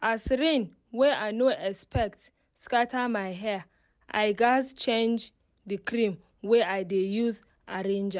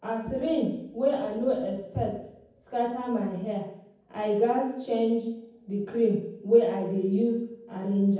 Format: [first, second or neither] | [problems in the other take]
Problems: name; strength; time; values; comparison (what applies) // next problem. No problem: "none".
first | room echo; dies away in 0.9 s